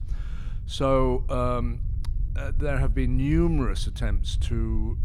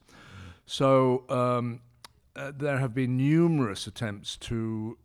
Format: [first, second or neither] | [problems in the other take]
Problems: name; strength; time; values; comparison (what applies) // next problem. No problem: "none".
second | low rumble; faint; throughout; 20 dB below the speech